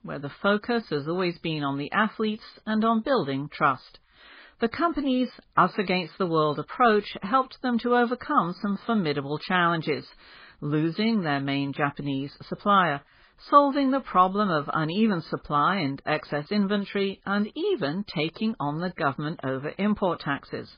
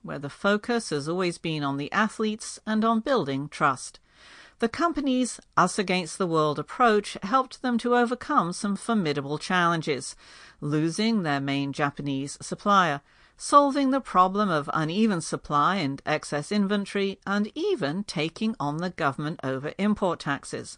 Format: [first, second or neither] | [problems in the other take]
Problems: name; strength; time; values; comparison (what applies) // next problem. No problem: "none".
second | garbled, watery; badly; nothing above 4 kHz; slightly in the second